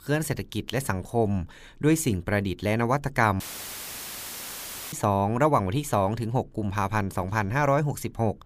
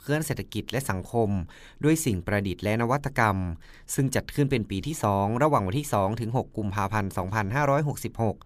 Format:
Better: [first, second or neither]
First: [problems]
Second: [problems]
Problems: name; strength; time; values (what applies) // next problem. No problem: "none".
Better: second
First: audio cutting out; filled with static; at 3.5 s for 1.5 s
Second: none